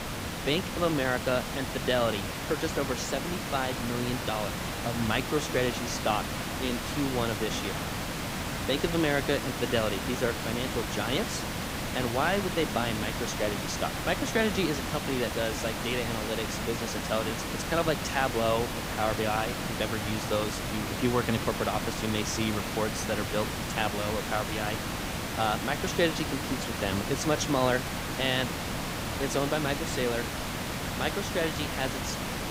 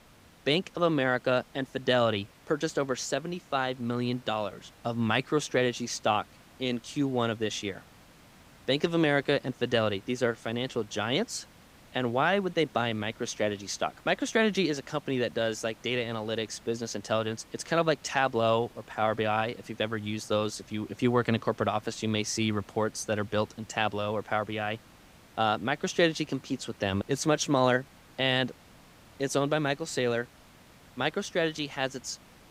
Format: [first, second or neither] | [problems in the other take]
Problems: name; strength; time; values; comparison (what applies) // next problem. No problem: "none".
second | hiss; loud; throughout; 2 dB below the speech; faint in the second